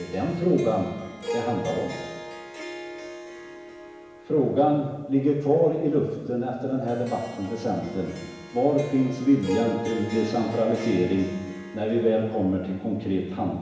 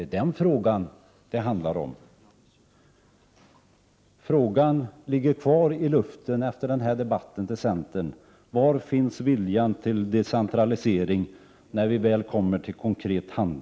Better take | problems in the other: second | background sound (Harp); 13 dB below the speech // room echo; dies away in 1.1 s

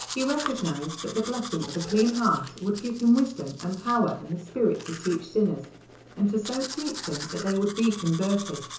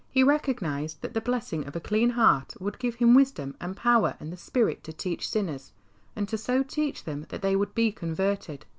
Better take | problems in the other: second | background sound (Domestic sounds, home sounds); 12 dB below the speech // room echo; dies away in 0.6 s

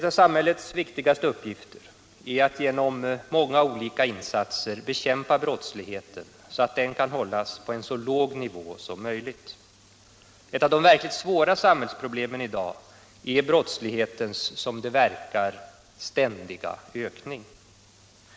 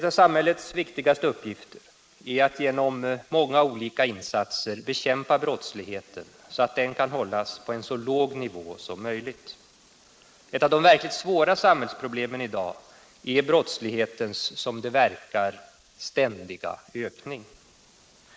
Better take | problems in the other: first | noise reduction (neural mask model Resemble Enhance denoiser)

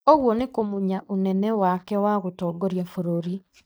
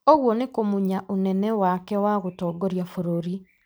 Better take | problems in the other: second | noise reduction (neural mask model DeepFilterNet 3)

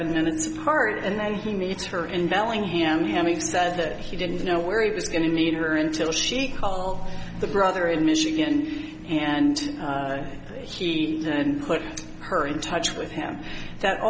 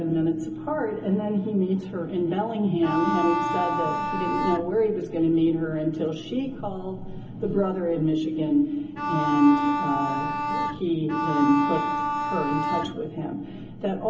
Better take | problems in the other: first | background sound (Bowed string instrument); 2 dB below the speech // room echo; dies away in 0.3 s

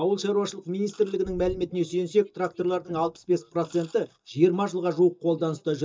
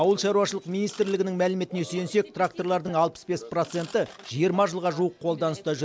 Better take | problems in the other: second | noise reduction (neural mask model DeepFilterNet 3)

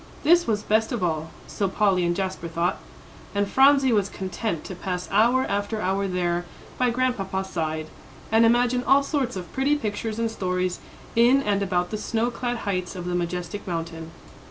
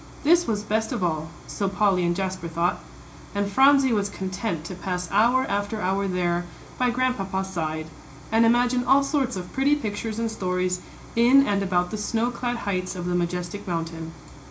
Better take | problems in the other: first | room echo; dies away in 0.4 s

